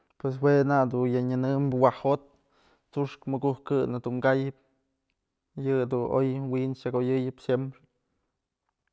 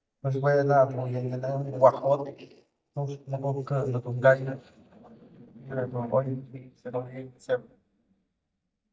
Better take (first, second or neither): first